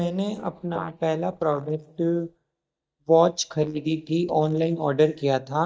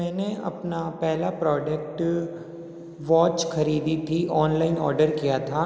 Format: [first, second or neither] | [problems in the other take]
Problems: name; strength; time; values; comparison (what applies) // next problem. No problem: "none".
second | noise reduction (neural mask model DeepFilterNet 3)